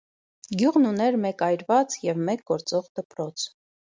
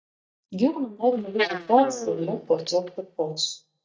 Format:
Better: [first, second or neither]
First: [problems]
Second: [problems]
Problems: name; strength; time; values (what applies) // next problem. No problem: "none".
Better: first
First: none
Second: noise reduction (neural mask model DeepFilterNet 3)